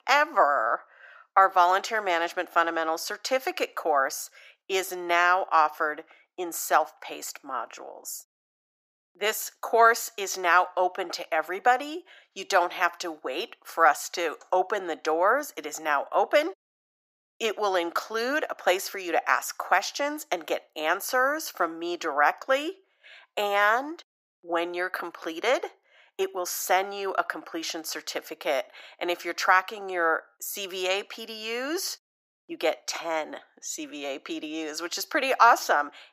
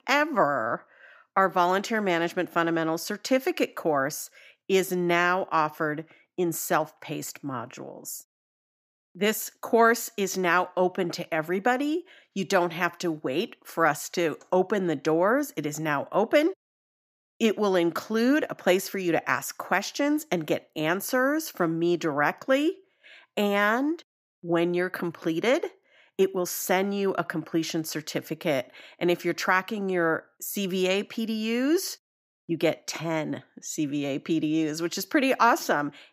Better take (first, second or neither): second